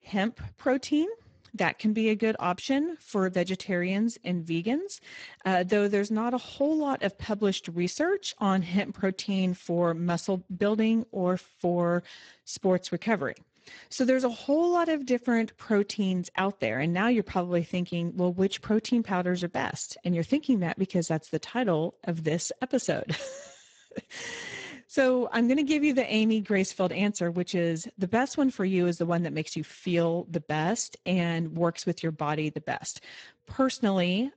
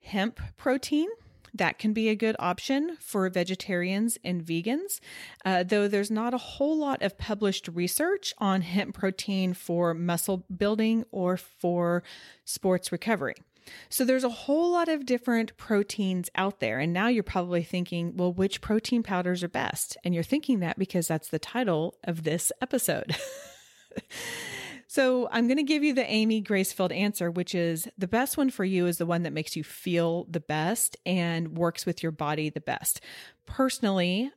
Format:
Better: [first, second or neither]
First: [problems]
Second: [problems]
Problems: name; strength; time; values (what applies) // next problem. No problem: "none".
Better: second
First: garbled, watery; badly; nothing above 7.5 kHz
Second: none